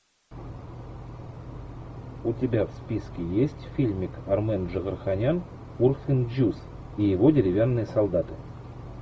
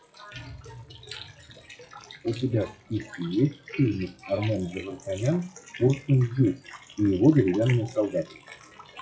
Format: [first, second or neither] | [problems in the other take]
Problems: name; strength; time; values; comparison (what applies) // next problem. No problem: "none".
first | noise reduction (classical method WPE with log-MMSE)